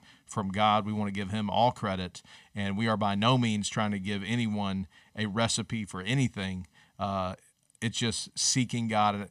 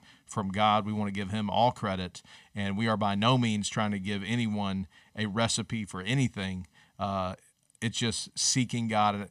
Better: neither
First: none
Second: none

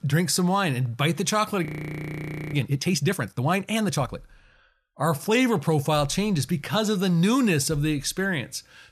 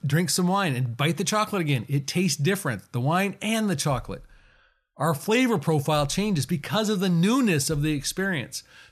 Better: second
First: audio freezing; at 1.5 s for 1 s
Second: none

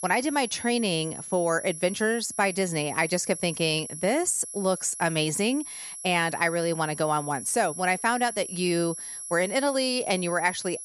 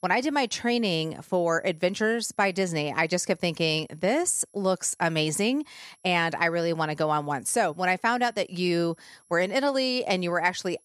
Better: second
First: high-pitched whine; loud; throughout; 11 kHz, 9 dB below the speech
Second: high-pitched whine; faint; throughout; 11 kHz, 35 dB below the speech

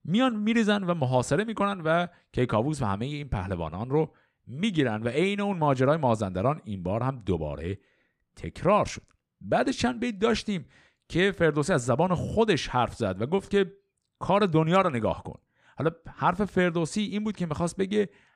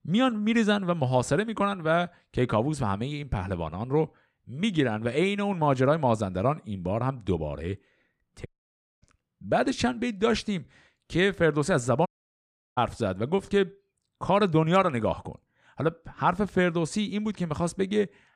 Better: first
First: none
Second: audio cutting out; at 8.5 s for 0.5 s and at 12 s for 0.5 s

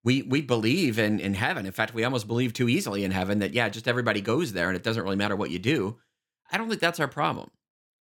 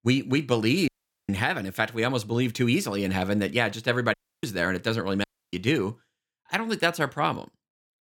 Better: first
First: none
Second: audio cutting out; at 1 s, at 4 s and at 5 s

